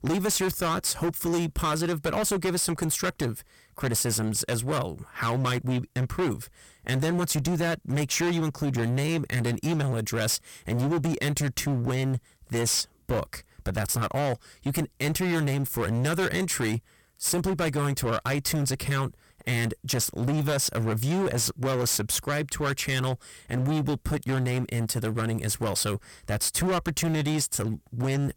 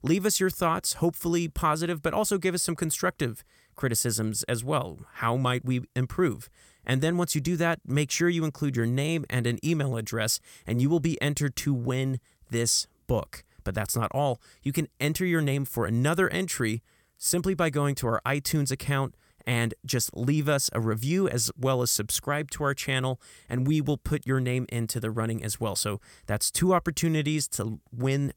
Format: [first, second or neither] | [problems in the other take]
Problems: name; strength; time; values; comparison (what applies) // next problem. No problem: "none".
second | distortion; heavy; 21% of the sound clipped